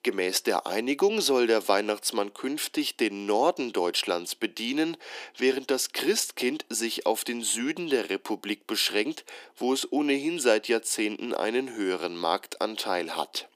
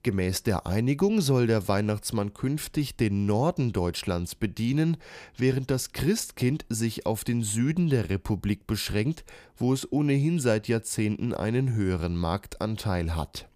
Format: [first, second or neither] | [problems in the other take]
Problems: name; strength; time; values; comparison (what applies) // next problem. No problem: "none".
second | thin; somewhat; fading below 300 Hz